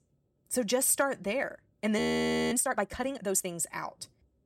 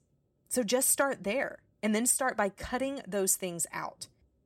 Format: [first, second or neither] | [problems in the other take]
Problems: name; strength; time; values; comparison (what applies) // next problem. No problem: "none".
second | audio freezing; at 2 s for 0.5 s